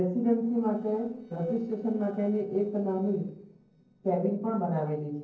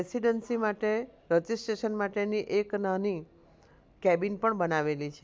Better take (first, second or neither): second